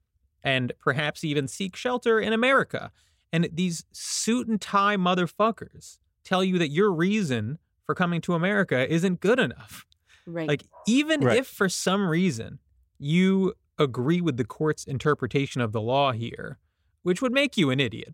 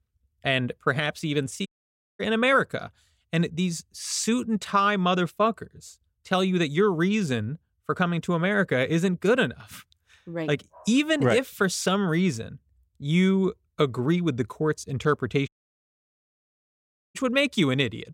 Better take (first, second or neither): first